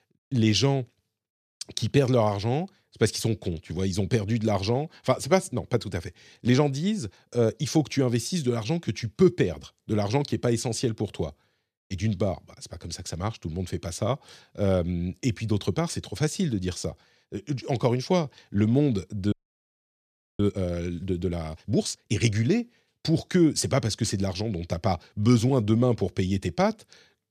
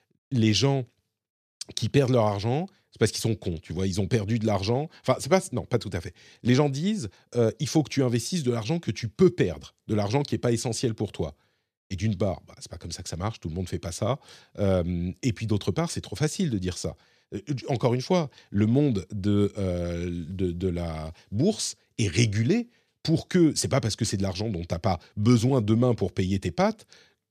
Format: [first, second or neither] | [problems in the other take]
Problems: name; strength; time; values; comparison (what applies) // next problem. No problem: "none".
second | audio freezing; at 19 s for 1 s